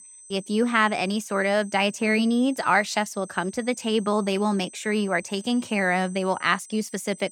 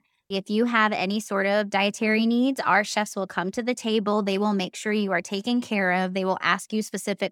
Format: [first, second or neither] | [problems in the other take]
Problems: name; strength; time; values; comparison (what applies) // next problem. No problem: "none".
second | high-pitched whine; noticeable; throughout; 8 kHz, 20 dB below the speech